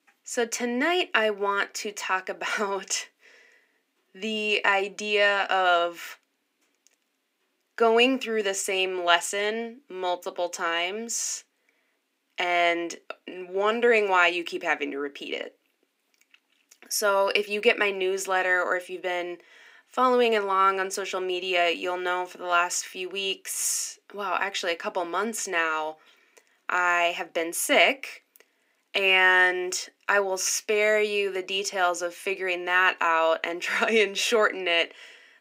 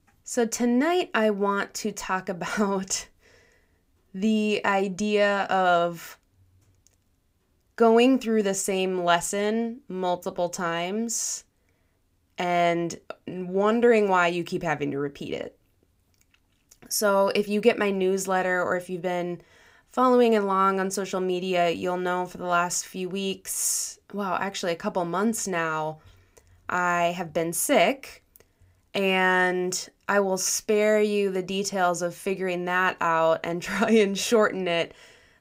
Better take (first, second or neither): second